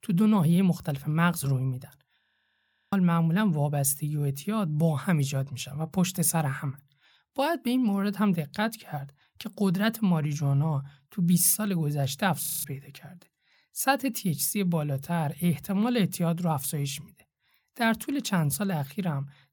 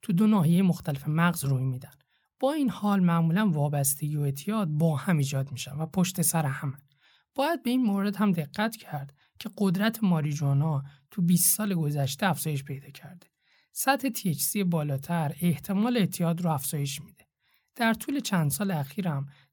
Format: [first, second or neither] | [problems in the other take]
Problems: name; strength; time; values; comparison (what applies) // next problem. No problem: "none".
second | audio freezing; at 2 s for 0.5 s and at 12 s